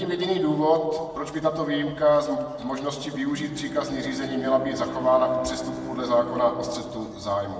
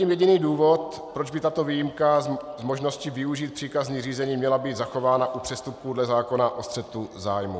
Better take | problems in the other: second | background sound (Bowed string instrument); 13 dB below the speech // room echo; dies away in 1.4 s

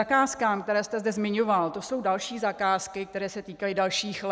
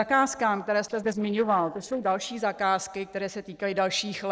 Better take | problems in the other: first | noise reduction (neural separator model SepFormer DNS4)

